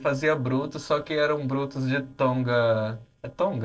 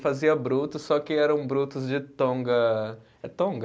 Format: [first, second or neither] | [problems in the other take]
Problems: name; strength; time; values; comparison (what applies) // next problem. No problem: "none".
second | noise reduction (neural separator model SepFormer DNS4)